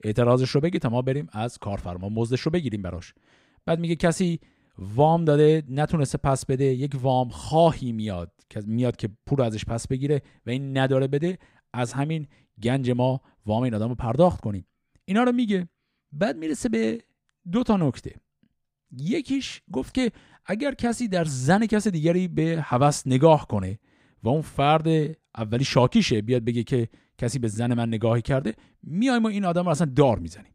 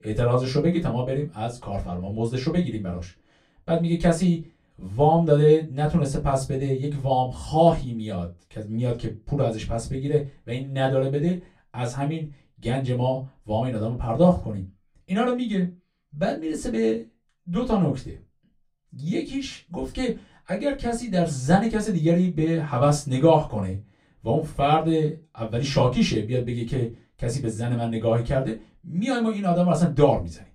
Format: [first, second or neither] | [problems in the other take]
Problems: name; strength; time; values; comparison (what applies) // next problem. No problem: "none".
first | off-mic speech; far // room echo; very slight; dies away in 0.2 s